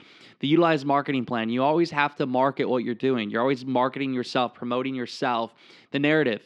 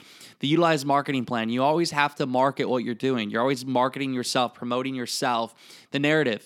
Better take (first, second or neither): second